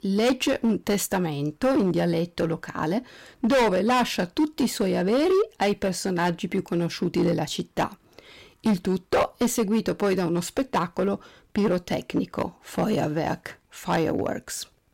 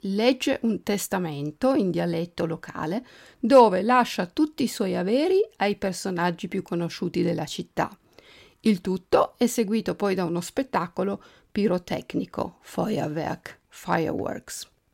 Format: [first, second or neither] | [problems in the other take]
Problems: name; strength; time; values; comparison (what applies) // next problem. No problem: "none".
second | distortion; heavy; 8% of the sound clipped